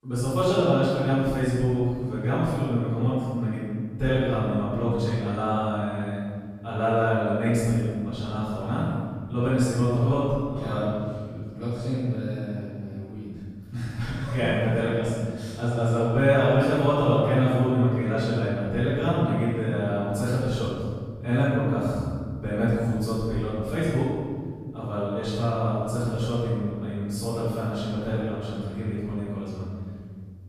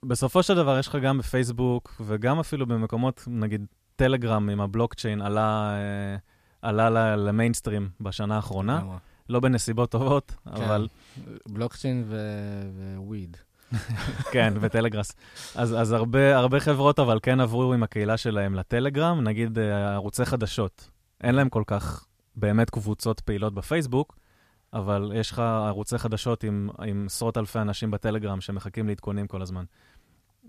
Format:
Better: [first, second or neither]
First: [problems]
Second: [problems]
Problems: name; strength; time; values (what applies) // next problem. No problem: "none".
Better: second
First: off-mic speech; far // room echo; strong; dies away in 2.1 s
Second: none